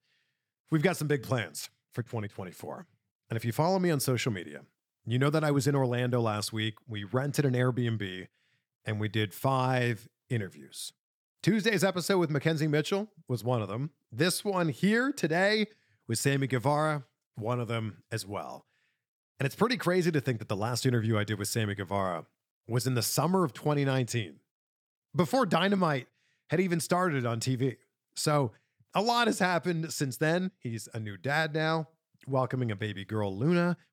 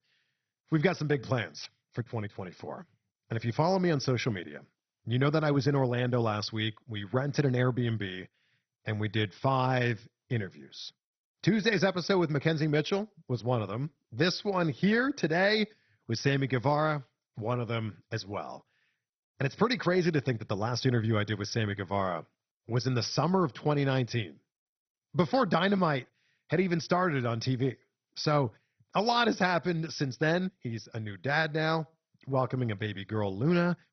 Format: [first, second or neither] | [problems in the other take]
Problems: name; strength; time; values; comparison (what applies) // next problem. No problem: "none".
first | garbled, watery; badly; nothing above 6 kHz